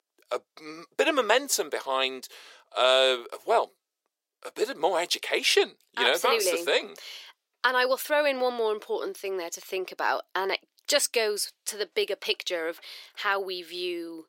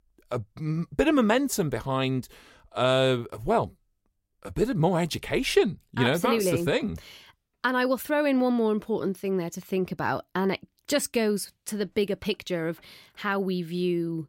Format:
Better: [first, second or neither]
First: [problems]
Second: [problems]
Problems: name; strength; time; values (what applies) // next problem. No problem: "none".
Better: second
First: thin; very; fading below 400 Hz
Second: none